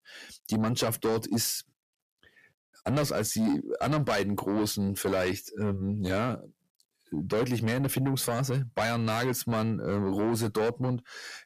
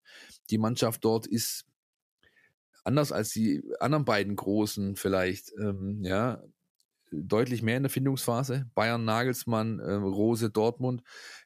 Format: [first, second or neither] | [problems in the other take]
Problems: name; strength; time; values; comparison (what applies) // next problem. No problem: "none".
second | distortion; heavy; 7 dB below the speech